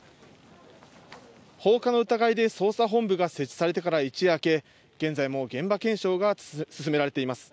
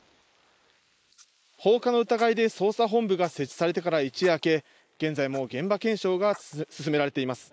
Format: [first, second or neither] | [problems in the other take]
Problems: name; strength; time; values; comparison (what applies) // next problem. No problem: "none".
first | noise reduction (neural mask model Resemble Enhance denoiser)